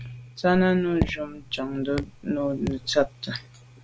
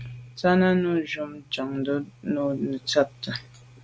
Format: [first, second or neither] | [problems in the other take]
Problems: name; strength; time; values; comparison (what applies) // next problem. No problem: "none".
second | background sound (Raindrop / Drip); 8 dB below the speech